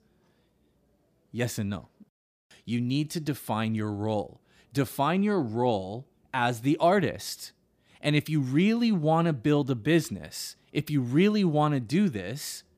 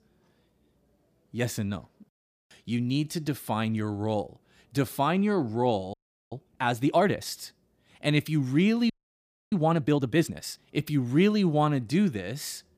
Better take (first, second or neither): first